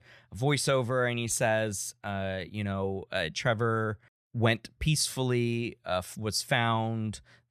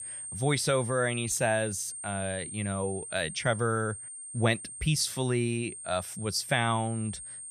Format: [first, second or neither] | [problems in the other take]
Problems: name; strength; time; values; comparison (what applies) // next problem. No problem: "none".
first | high-pitched whine; loud; throughout; 8.5 kHz, 9 dB below the speech